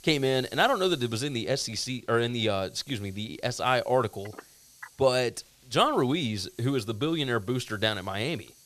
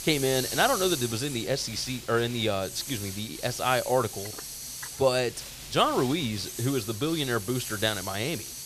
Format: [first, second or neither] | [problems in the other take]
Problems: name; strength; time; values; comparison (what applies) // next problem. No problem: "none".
first | hiss; loud; throughout; 8 dB below the speech; faint in the first